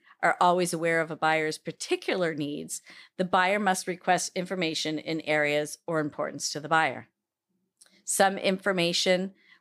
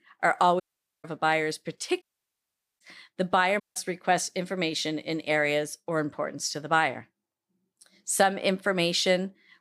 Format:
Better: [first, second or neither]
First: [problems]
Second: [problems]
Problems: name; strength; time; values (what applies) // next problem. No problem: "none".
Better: first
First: none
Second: audio cutting out; at 0.5 s, at 2 s for 1 s and at 3.5 s